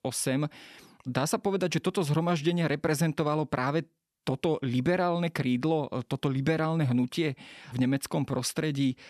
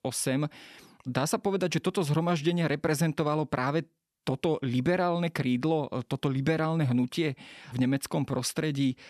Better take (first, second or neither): neither